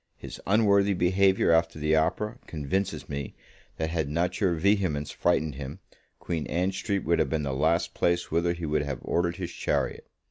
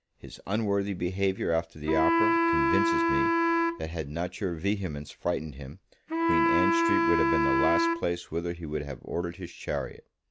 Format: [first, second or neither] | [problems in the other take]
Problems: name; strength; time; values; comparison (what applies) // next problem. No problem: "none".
first | background sound (Wind instrument, woodwind instrument); 4 dB above the speech